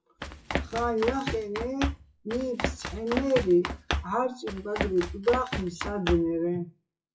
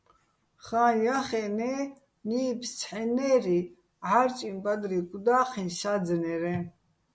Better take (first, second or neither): second